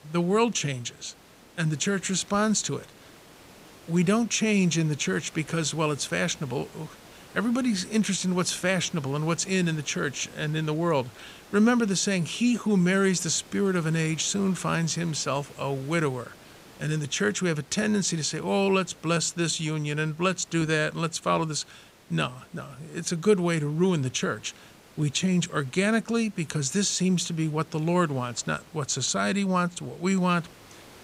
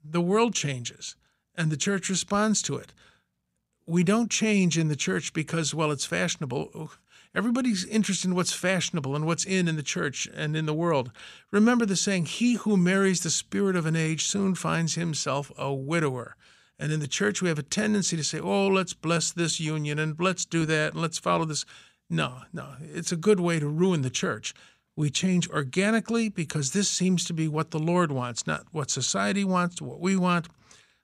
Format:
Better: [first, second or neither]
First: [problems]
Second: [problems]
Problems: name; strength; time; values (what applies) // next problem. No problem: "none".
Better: second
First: hiss; faint; throughout; 25 dB below the speech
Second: none